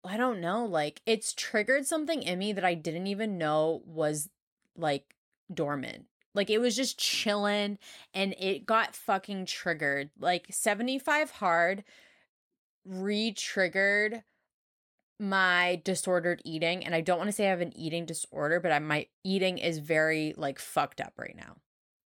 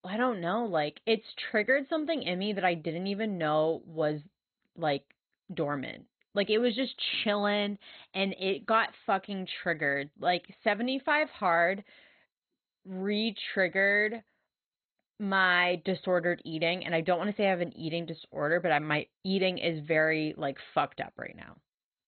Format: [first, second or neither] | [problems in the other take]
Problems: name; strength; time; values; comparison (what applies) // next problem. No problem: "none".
first | garbled, watery; badly; nothing above 4 kHz